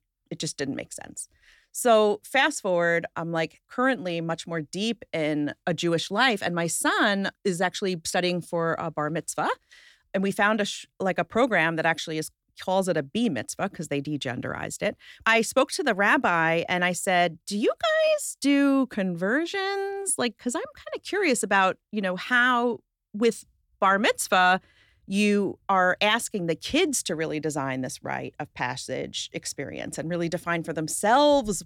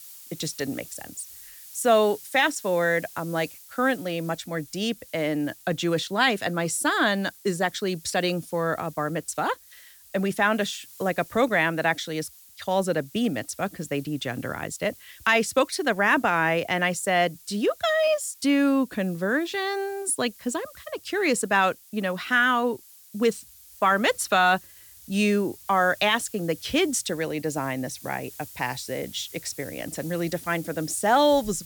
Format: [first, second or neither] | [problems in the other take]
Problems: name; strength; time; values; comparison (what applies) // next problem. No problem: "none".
first | hiss; noticeable; throughout; 20 dB below the speech